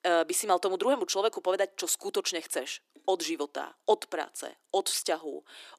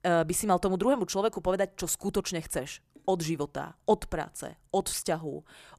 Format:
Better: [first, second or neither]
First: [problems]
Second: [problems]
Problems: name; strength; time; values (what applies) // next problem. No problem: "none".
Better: second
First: thin; somewhat; fading below 300 Hz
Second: none